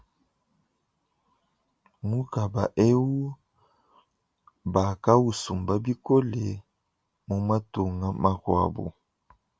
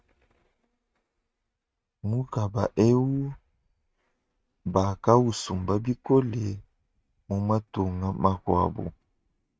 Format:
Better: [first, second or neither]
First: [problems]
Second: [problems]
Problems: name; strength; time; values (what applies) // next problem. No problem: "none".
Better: first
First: none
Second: noise reduction (neural mask model RNNoise)